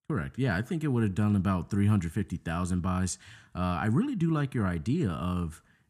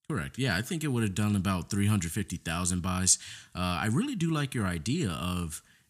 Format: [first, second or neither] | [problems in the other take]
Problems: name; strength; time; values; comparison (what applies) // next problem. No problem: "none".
second | muffled; slightly; fading above 2 kHz